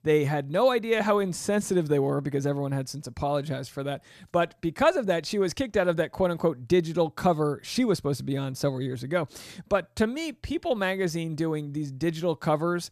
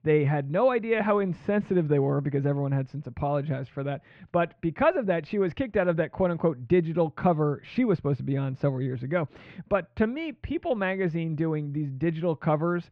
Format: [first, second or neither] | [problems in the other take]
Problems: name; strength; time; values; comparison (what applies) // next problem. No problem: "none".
first | muffled; very; fading above 2.5 kHz